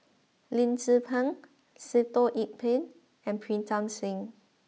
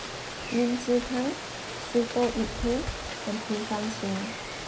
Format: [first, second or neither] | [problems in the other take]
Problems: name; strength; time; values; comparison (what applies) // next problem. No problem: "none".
first | background sound (Rain); 6 dB below the speech // room echo; dies away in 0.5 s